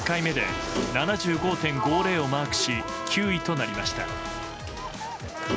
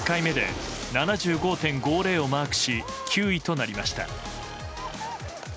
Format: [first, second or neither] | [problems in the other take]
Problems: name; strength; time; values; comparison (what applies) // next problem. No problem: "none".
second | background sound (Sliding door + Trumpet); 6 dB below the speech